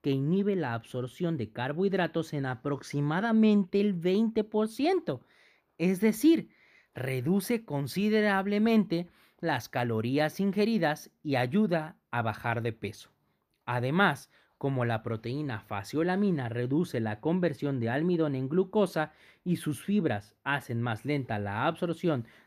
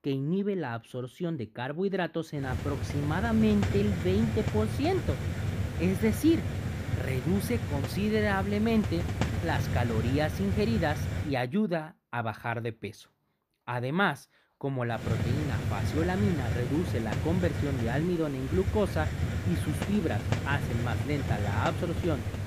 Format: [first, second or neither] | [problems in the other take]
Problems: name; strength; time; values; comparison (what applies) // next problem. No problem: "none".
first | hiss; loud; from 2.5 to 11 s and from 15 s on; 2 dB below the speech